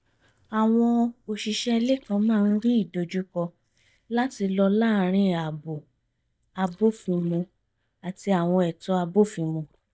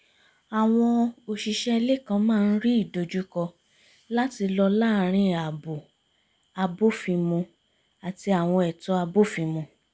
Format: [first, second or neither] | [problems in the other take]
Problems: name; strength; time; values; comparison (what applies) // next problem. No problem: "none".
second | noise reduction (neural mask model DeepFilterNet 3)